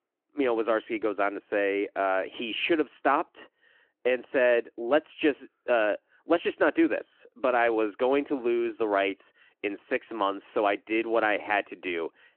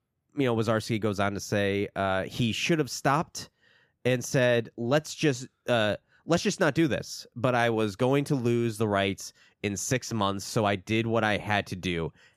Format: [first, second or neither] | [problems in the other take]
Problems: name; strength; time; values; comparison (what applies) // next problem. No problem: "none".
second | phone-call audio